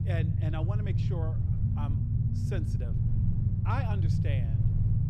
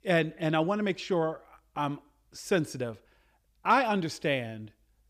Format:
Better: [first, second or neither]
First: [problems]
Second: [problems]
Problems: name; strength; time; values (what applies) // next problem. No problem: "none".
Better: second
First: low rumble; loud; throughout; as loud as the speech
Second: none